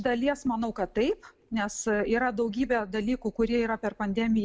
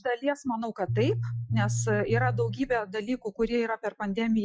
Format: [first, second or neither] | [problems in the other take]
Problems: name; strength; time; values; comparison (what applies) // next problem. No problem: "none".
first | noise reduction (classical method Wiener filter)